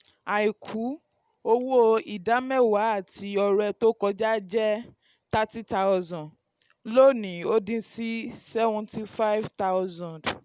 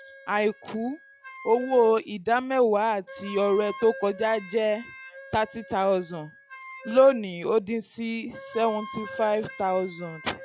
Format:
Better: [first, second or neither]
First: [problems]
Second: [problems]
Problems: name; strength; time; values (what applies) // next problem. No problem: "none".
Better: first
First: none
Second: noise reduction (classical method log-MMSE)